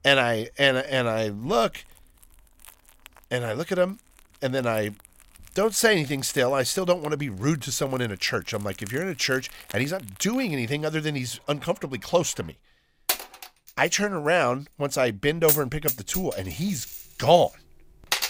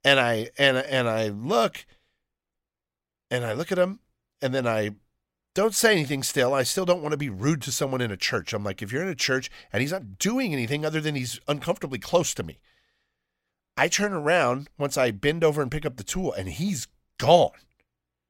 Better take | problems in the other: second | household noises; loud; throughout; 6 dB below the speech

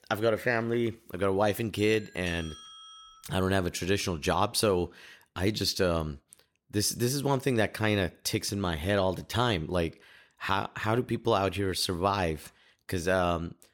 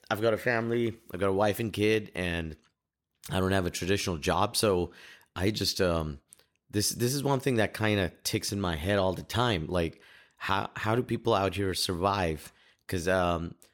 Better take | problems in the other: second | doorbell; faint; from 2 to 3 s; peak 15 dB below the speech

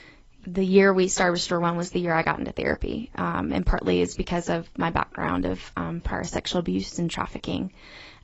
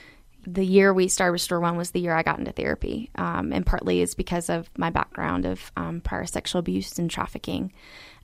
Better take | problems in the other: second | garbled, watery; badly; nothing above 7.5 kHz

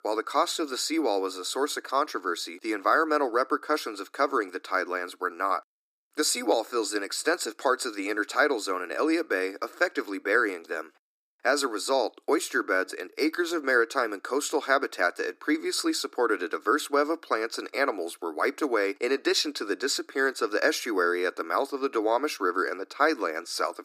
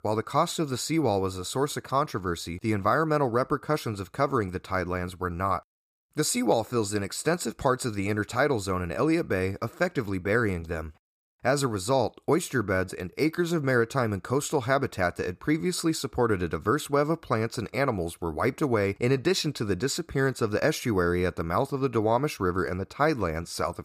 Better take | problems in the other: second | thin; somewhat; fading below 300 Hz

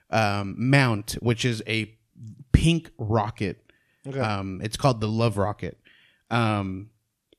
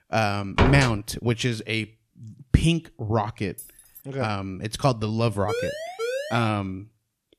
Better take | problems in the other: first | door banging; loud; at 0.5 s; peak 3 dB above the speech // jangling keys; faint; at 3.5 s; peak 15 dB below the speech // siren; noticeable; from 5.5 to 6.5 s; peak 4 dB below the speech

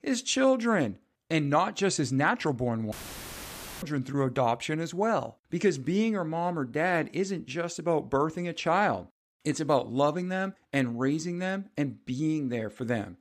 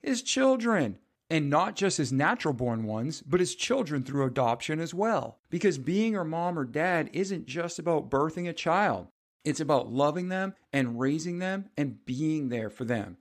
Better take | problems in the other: second | audio cutting out; filled with static; at 3 s for 1 s

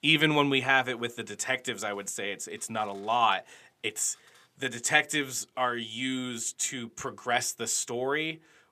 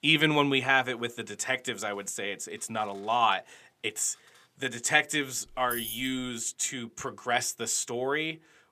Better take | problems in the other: first | jangling keys; noticeable; at 5.5 s; peak 6 dB below the speech

